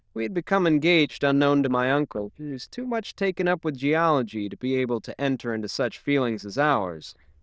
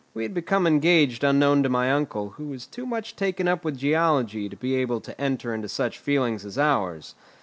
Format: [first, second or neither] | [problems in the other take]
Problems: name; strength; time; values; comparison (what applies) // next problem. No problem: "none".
second | noise reduction (neural diffusion model UNIVERSE++)